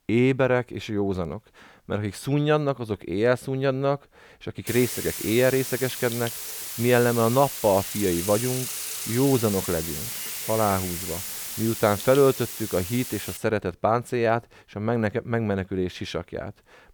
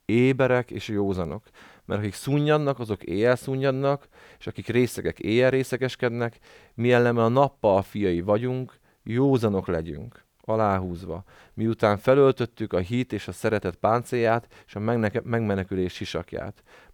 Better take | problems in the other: second | hiss; loud; from 4.5 to 13 s; 6 dB below the speech

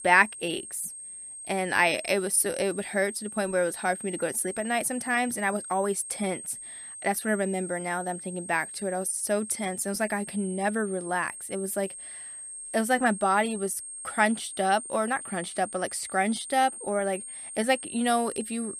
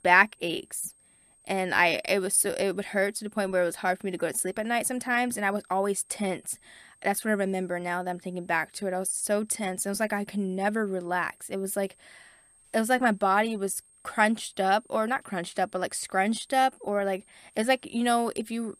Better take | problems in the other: second | high-pitched whine; loud; throughout; 8.5 kHz, 10 dB below the speech; faint in the second

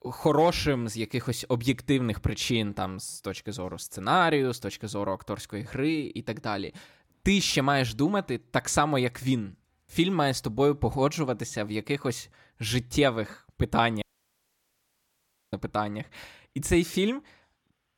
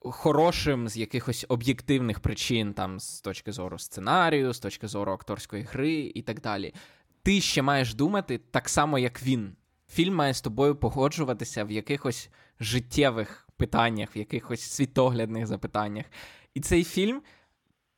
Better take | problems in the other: second | audio cutting out; at 14 s for 1.5 s

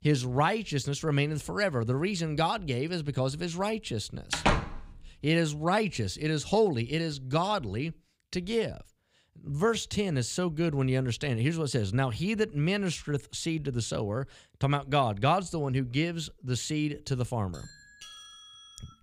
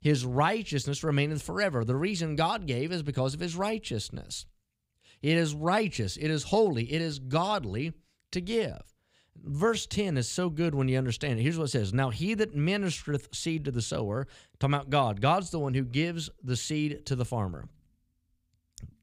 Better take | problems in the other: second | door banging; loud; at 4.5 s; peak 3 dB above the speech // doorbell; faint; from 18 s on; peak 15 dB below the speech

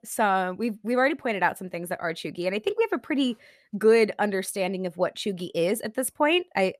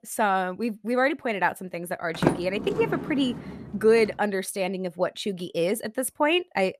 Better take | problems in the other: first | door banging; noticeable; from 2 to 4 s; peak level with the speech

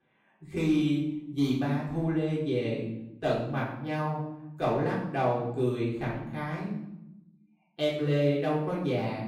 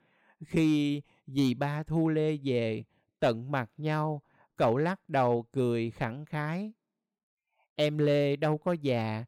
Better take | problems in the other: second | off-mic speech; far // room echo; noticeable; dies away in 0.8 s

